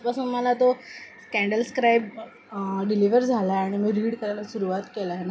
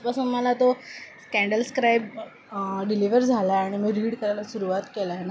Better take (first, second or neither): second